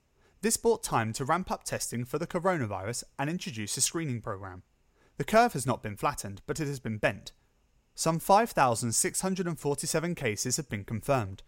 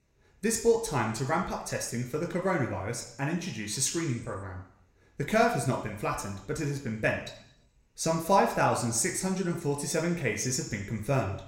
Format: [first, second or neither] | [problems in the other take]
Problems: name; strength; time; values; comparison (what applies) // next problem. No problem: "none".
first | room echo; slight; dies away in 0.7 s